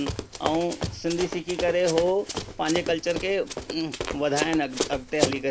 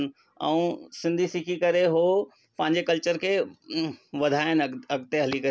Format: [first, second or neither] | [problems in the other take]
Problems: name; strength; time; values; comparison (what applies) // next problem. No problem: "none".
second | background sound (Run); 6 dB below the speech